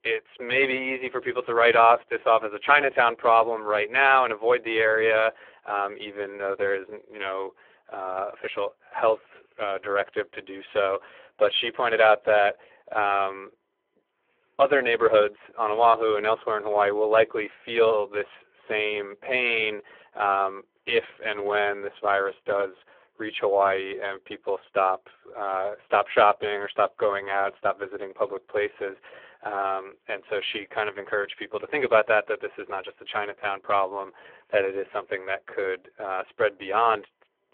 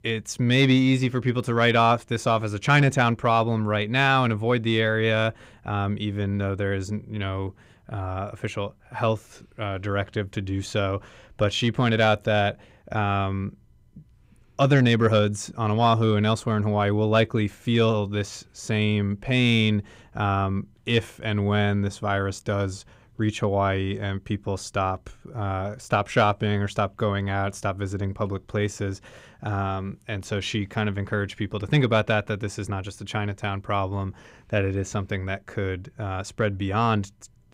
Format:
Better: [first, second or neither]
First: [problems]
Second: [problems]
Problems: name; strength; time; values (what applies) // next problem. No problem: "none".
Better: second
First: phone-call audio; poor line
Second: none